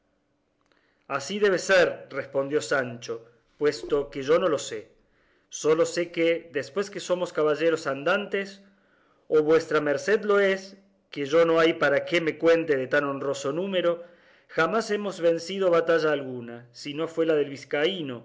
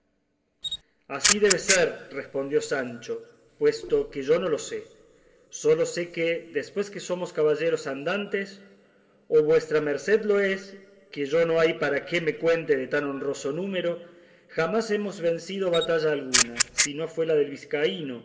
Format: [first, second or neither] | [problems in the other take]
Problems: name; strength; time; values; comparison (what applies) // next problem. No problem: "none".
first | background sound (Camera); as loud as the speech // room echo; dies away in 1.9 s